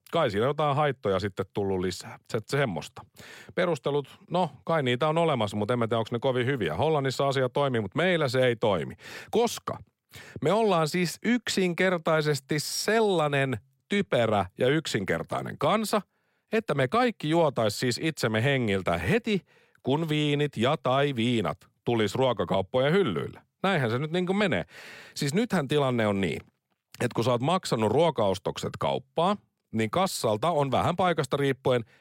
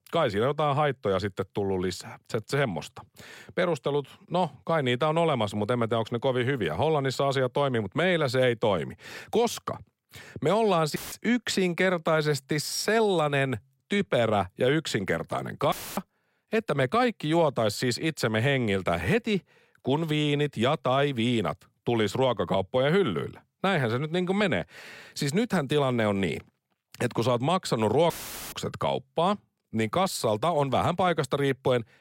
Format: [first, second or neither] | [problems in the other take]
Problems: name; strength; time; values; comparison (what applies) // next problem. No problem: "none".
first | audio cutting out; filled with static; at 11 s, at 16 s and at 28 s